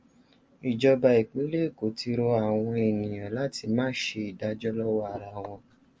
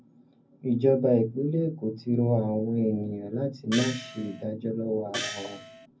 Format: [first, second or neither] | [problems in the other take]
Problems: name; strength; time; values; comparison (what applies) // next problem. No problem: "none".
first | background sound (Gong); 9 dB below the speech // room echo; dies away in 0.4 s